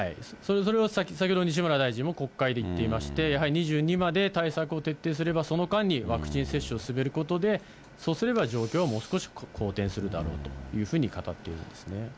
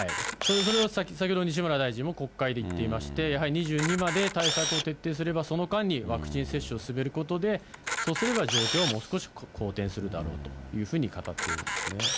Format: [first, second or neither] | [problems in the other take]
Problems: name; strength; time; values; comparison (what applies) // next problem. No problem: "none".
first | background sound (Camera); 5 dB below the speech